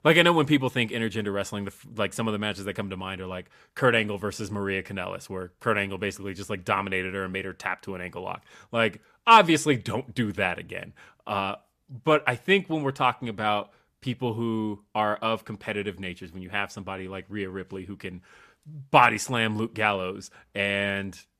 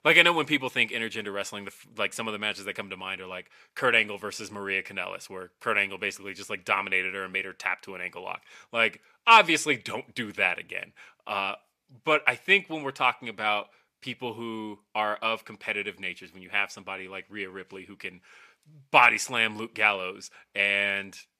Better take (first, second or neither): first